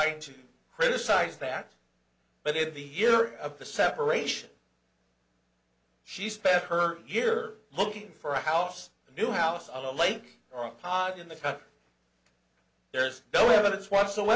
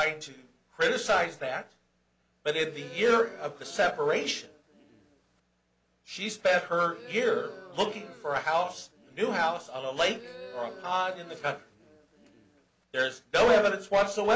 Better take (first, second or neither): first